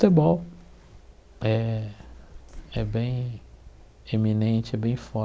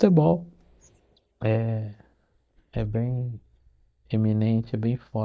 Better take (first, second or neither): first